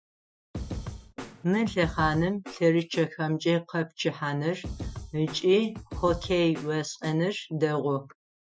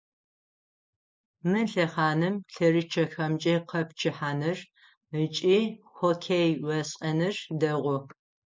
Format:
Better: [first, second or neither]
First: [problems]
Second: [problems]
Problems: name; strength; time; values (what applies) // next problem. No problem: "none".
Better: second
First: noise reduction (classical method Wiener filter)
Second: none